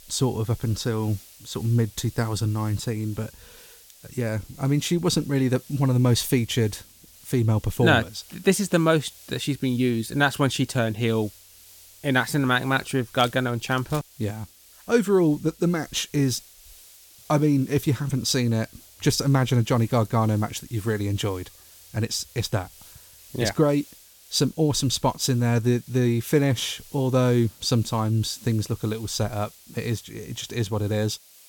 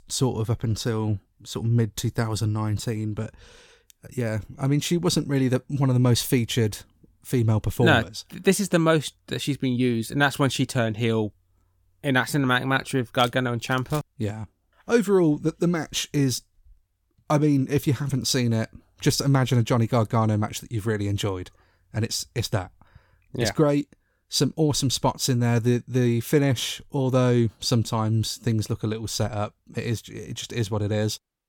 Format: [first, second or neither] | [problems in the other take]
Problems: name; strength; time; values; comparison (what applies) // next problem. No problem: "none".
second | hiss; faint; throughout; 25 dB below the speech